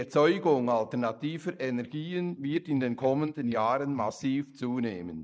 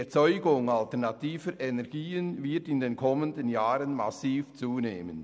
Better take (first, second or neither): second